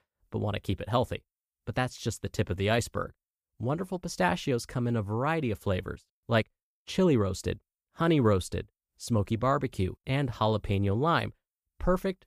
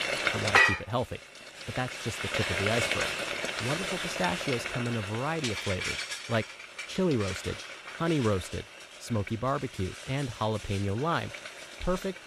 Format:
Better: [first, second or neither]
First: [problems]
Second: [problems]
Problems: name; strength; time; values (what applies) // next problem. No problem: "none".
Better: first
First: none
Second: household noises; very loud; throughout; 1 dB above the speech